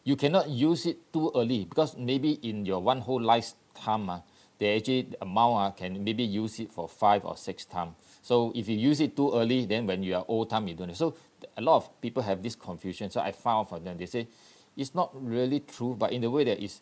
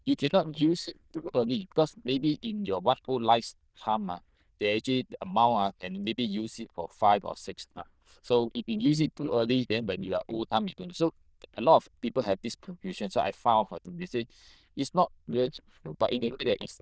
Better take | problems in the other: first | noise reduction (neural diffusion model UNIVERSE++)

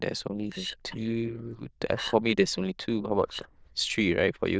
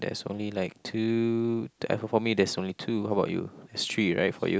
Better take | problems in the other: second | noise reduction (neural diffusion model UNIVERSE++)

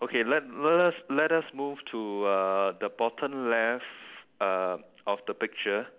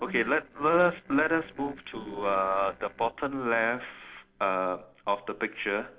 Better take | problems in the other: first | noise reduction (neural separator model SepFormer DNS4)

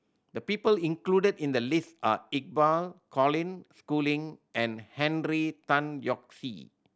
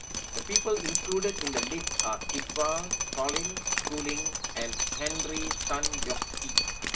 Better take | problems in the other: first | background sound (Drip); 3 dB above the speech // room echo; dies away in 0.2 s

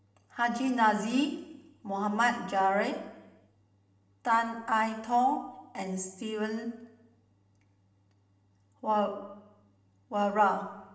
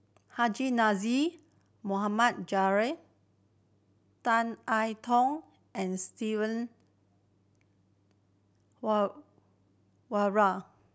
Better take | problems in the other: second | room echo; dies away in 0.9 s

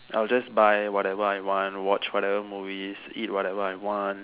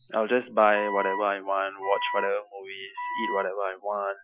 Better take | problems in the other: first | noise reduction (classical method Wiener filter)

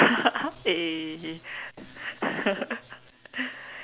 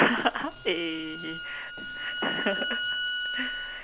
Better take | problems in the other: first | background sound (Bowed string instrument); 4 dB below the speech

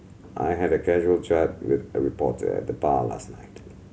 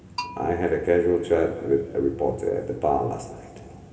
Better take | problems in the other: first | background sound (Bell); 18 dB below the speech // room echo; dies away in 2.1 s

